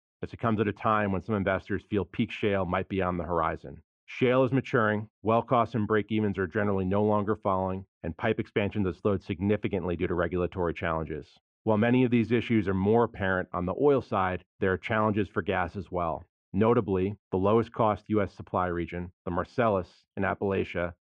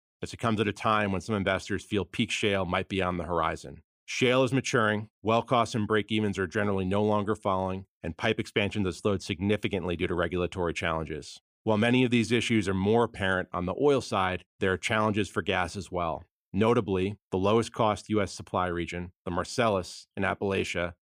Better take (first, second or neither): second